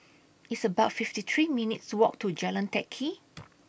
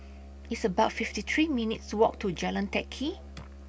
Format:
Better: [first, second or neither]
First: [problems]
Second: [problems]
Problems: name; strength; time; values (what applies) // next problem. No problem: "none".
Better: first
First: none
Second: background sound (Musical instrument); 15 dB below the speech